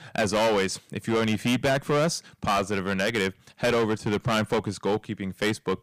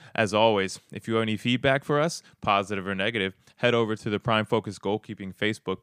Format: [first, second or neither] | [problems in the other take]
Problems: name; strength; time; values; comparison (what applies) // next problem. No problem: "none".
second | distortion; heavy; 13% of the sound clipped